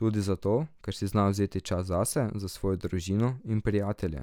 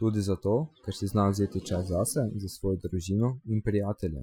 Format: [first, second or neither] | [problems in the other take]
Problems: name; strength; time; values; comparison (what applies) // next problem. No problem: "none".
first | noise reduction (classical method Wiener filter)